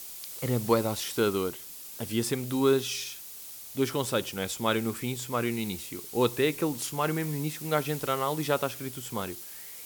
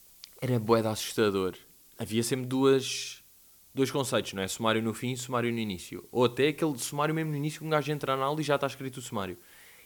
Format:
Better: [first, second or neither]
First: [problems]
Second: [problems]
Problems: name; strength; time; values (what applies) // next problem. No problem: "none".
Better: second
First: hiss; loud; throughout; 10 dB below the speech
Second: hiss; faint; throughout; 25 dB below the speech